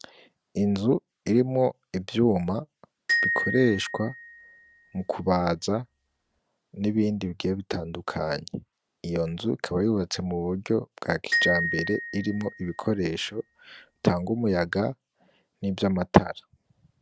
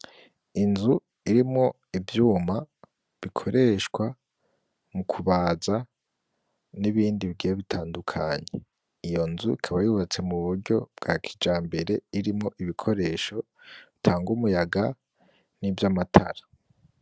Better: second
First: background sound (Glockenspiel); 5 dB below the speech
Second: none

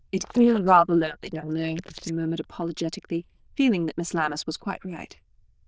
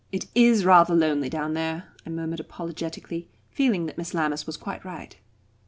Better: second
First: noise reduction (neural diffusion model UNIVERSE++)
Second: none

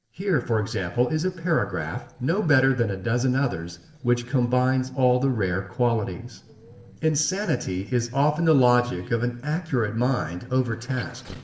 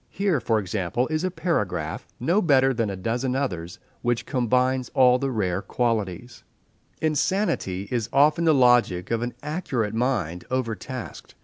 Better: second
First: noise reduction (neural separator model SepFormer DNS4)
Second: none

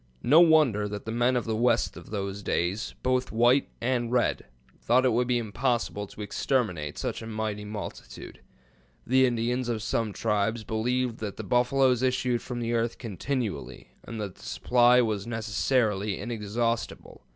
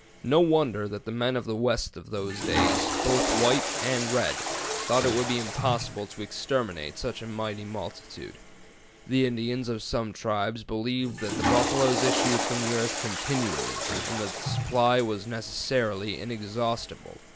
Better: first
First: none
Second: background sound (Toilet flush / Water); 4 dB below the speech

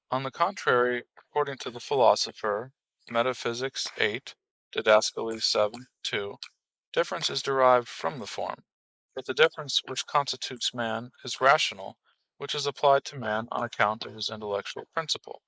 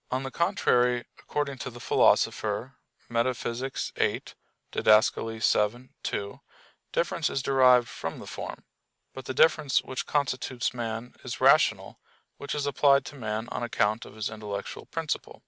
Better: second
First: noise reduction (neural mask model Resemble Enhance denoiser)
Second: none

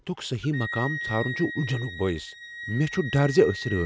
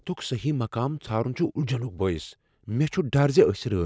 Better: second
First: background sound (Wind instrument, woodwind instrument); 10 dB below the speech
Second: none

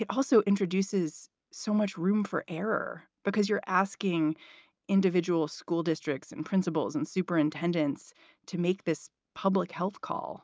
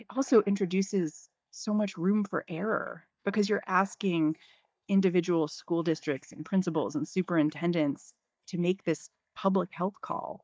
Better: first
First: none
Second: noise reduction (neural mask model DeepFilterNet 3)

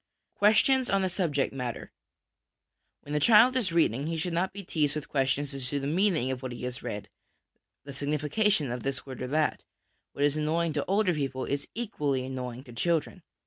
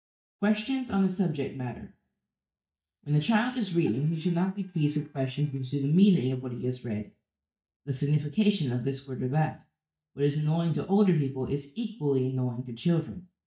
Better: first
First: none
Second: noise reduction (neural mask model DeepFilterNet 3)

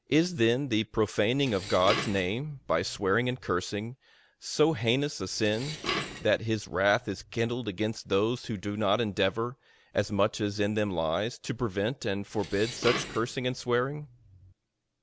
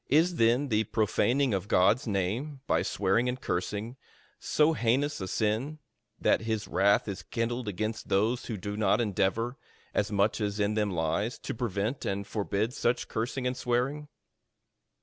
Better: second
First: background sound (Dishes, pots, and pans); 10 dB below the speech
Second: none

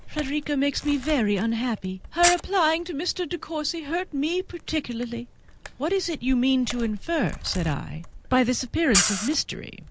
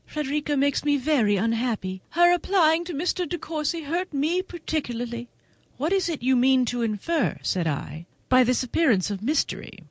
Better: second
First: background sound (Camera); 8 dB below the speech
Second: none

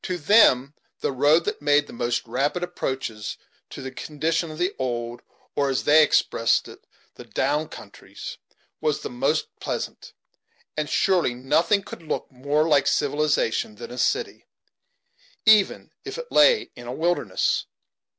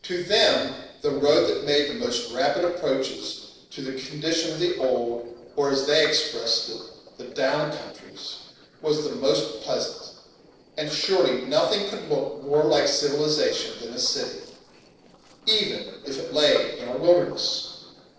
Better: first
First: none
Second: noise reduction (neural separator model SepFormer DNS4)

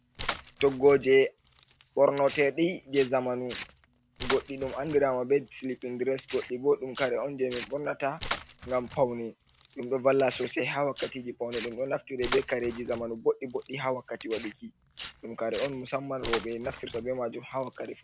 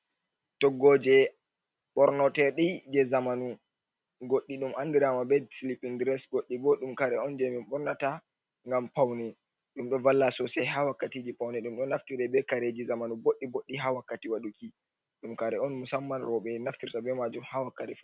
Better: second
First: background sound (Tearing); 14 dB below the speech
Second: none

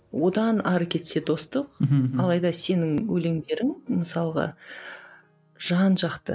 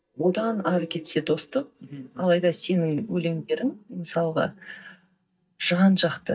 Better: first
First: none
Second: noise reduction (neural mask model DeepFilterNet 3)

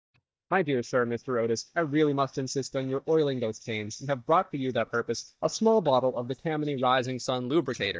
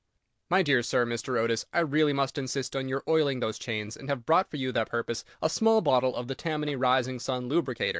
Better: second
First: noise reduction (neural mask model DeepFilterNet 3)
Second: none

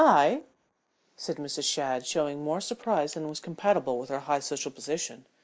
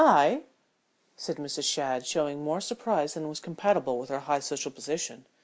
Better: second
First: noise reduction (neural mask model Resemble Enhance denoiser)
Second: none

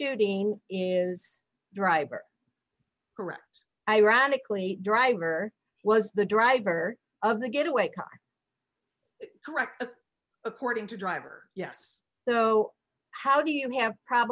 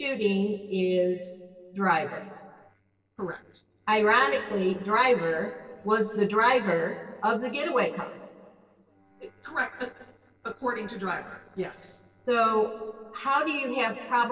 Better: first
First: none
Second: noise reduction (neural separator model SepFormer DNS4)

